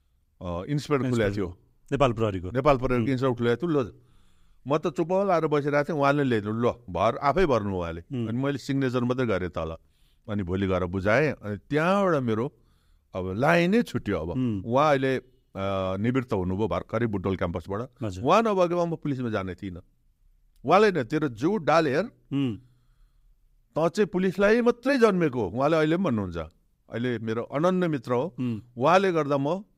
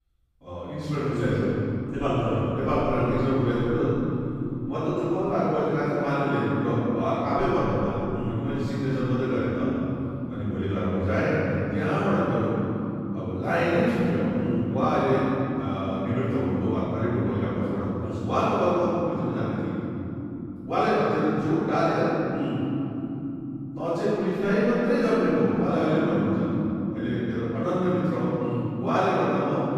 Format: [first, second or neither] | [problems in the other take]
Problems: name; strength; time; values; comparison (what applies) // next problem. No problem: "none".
first | room echo; strong; dies away in 3 s // off-mic speech; far